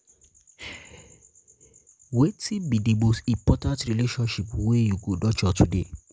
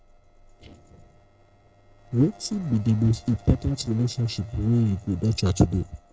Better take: first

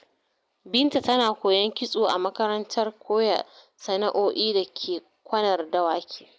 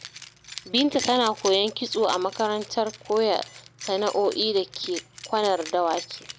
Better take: first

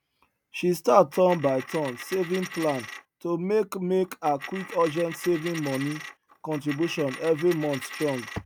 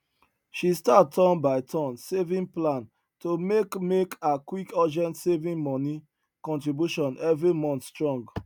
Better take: second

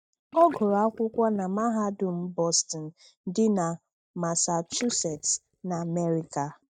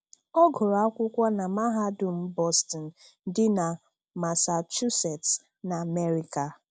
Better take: second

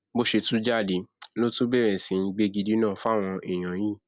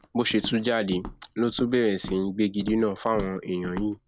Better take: first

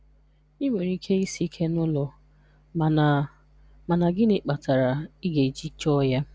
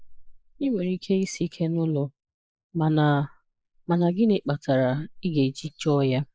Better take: first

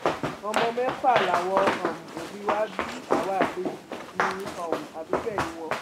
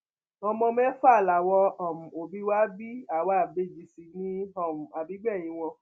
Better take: second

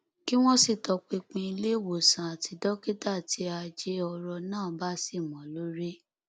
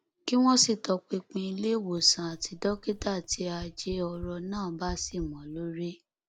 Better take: first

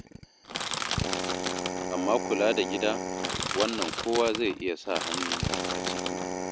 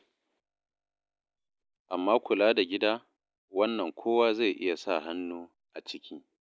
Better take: second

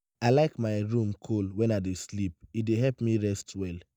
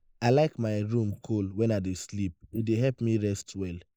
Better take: first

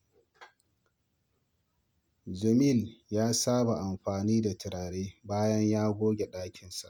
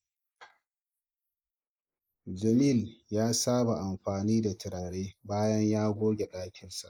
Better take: first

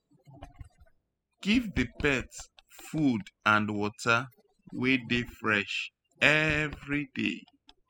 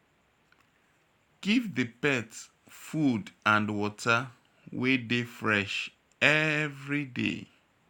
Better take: second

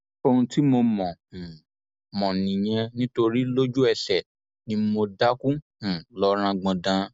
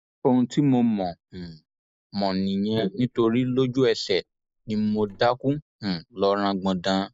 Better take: first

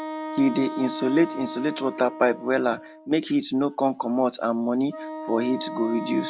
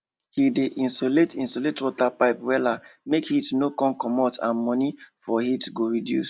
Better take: second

